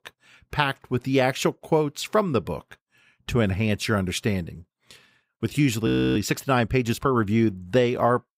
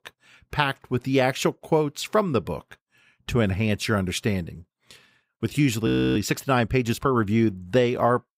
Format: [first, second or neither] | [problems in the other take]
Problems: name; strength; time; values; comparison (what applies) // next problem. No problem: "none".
neither | audio freezing; at 6 s; the same in both